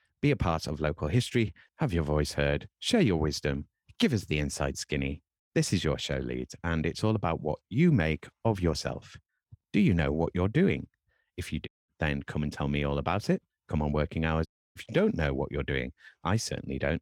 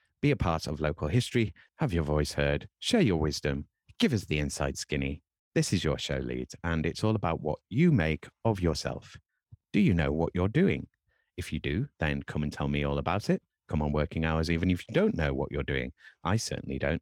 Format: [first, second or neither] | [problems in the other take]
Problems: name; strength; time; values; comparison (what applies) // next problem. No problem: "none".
second | audio cutting out; at 12 s and at 14 s